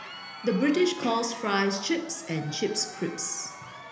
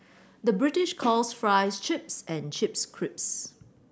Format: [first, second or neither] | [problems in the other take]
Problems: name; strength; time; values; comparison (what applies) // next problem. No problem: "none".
second | background sound (Crowd); 14 dB below the speech // room echo; dies away in 0.8 s